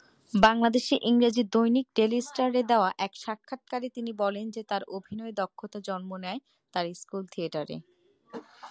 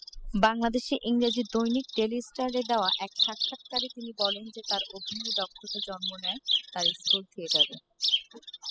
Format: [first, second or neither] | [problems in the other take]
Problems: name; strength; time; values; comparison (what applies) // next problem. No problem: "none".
first | noise reduction (classical method spectral subtraction)